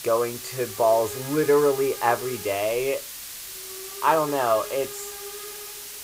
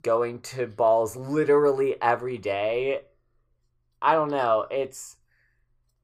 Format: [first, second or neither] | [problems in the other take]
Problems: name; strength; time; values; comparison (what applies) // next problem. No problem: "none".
second | hiss; noticeable; throughout; 10 dB below the speech